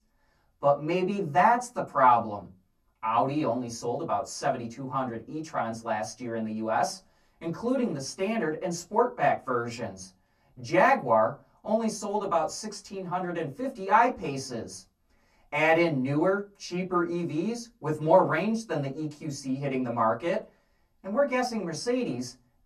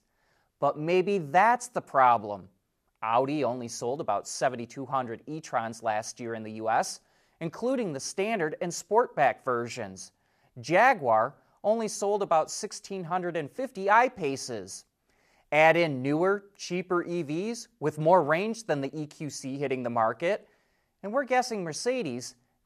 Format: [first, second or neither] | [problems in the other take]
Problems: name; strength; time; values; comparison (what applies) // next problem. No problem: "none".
second | off-mic speech; far // room echo; very slight; dies away in 0.2 s